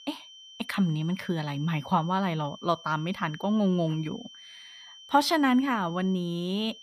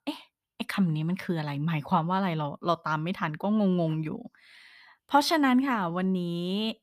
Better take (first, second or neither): second